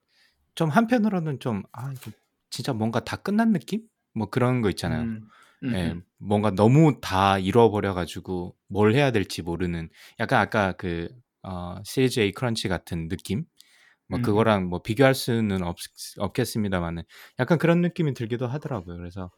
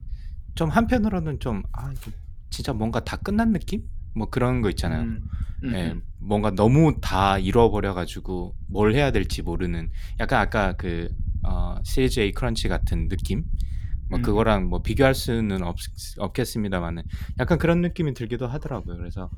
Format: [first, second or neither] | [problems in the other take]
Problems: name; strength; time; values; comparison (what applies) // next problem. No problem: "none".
first | low rumble; faint; throughout; 25 dB below the speech